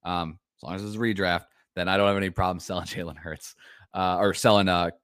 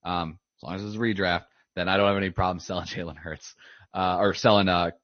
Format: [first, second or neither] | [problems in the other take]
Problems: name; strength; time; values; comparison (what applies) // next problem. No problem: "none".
first | garbled, watery; slightly; nothing above 6.5 kHz